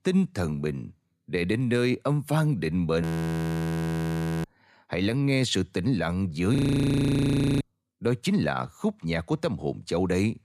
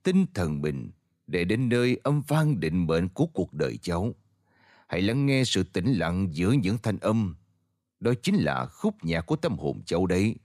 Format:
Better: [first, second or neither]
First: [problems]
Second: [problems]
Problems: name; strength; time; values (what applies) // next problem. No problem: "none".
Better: second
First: audio freezing; at 3 s for 1.5 s and at 6.5 s for 1 s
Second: none